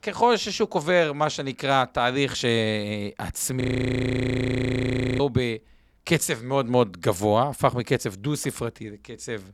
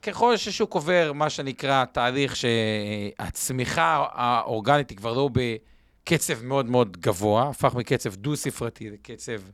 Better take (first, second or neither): second